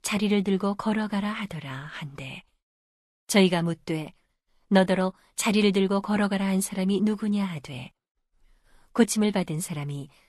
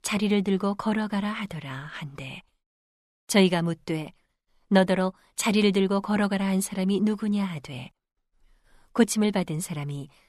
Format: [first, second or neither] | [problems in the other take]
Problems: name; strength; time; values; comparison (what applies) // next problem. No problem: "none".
second | garbled, watery; slightly; nothing above 11.5 kHz